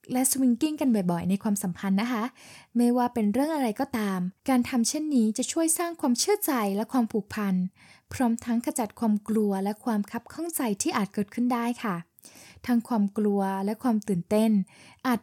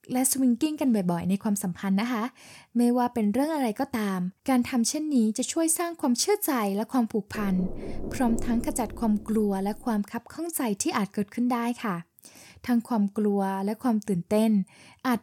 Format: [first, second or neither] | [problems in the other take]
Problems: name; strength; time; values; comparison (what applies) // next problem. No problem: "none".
first | door banging; noticeable; from 7.5 to 10 s; peak 9 dB below the speech